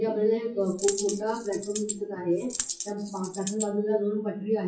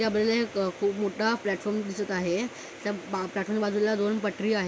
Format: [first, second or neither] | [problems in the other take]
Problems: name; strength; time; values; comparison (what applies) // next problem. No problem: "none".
second | noise reduction (classical method WPE with log-MMSE)